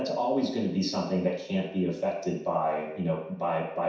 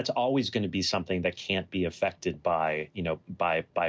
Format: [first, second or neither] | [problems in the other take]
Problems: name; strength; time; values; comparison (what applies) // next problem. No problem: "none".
second | room echo; dies away in 0.7 s